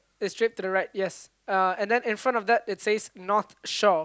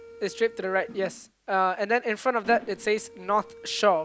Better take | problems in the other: first | background sound (Mechanisms); 19 dB below the speech

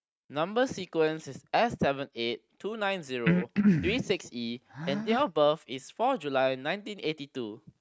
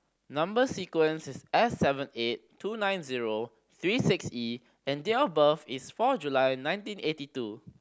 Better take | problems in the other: second | noise reduction (neural mask model RNNoise)

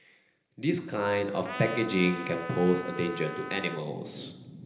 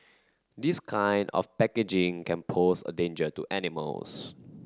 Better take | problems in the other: second | background sound (Trumpet); 10 dB below the speech // room echo; dies away in 0.8 s

